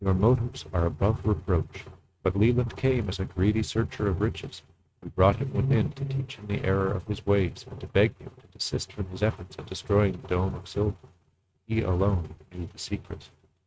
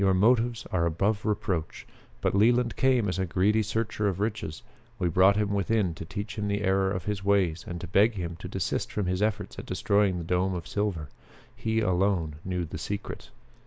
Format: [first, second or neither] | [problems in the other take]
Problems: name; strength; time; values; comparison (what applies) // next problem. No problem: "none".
second | noise reduction (neural mask model RNNoise)